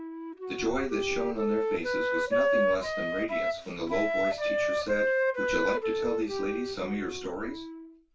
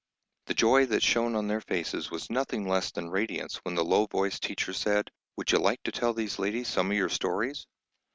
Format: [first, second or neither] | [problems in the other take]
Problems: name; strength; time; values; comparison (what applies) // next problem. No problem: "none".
second | background sound (Wind instrument, woodwind instrument); 4 dB above the speech // room echo; dies away in 0.2 s